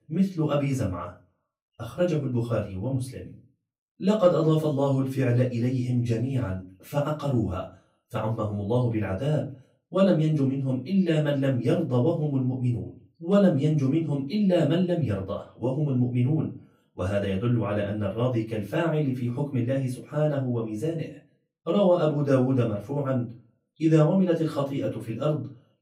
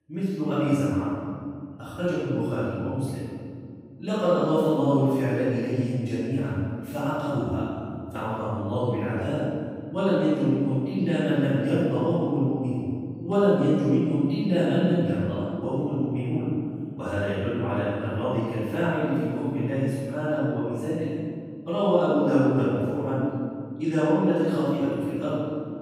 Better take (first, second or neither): first